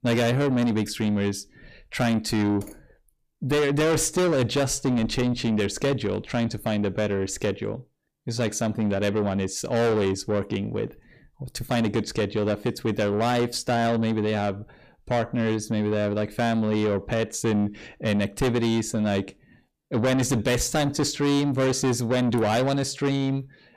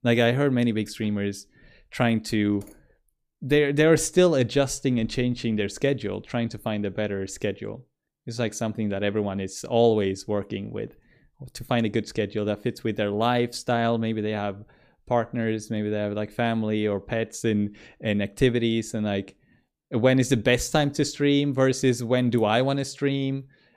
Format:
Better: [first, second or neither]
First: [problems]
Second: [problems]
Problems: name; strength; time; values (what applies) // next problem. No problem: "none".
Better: second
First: distortion; heavy; 8 dB below the speech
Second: none